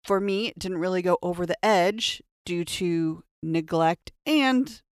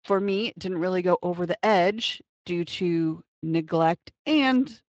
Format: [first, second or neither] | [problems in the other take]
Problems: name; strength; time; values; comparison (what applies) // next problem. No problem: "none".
first | garbled, watery; slightly; nothing above 7.5 kHz